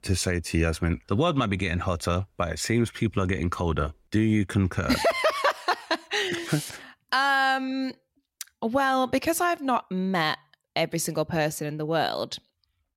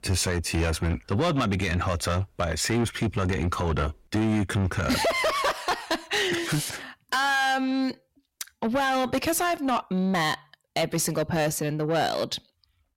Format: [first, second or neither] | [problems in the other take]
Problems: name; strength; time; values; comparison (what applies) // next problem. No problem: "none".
first | distortion; heavy; 8 dB below the speech